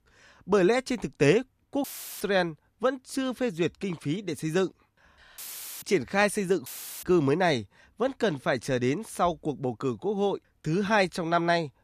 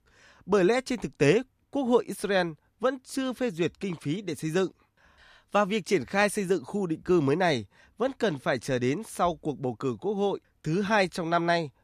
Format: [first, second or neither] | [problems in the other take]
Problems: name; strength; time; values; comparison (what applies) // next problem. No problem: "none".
second | audio cutting out; filled with static; at 2 s, at 5.5 s and at 6.5 s